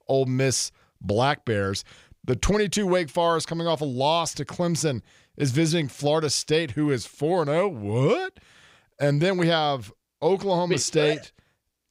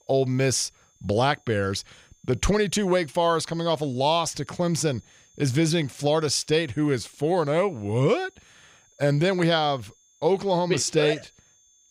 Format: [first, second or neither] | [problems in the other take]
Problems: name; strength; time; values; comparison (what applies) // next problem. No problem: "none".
first | high-pitched whine; faint; throughout; 6.5 kHz, 35 dB below the speech